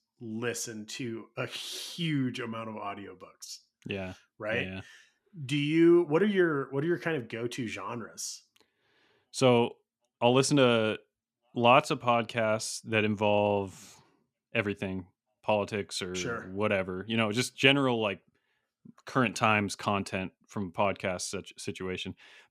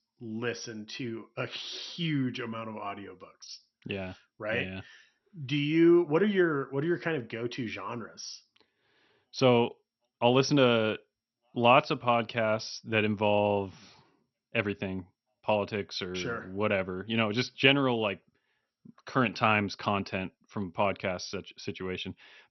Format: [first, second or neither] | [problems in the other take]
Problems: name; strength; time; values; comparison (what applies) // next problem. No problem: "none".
first | garbled, watery; slightly; nothing above 6 kHz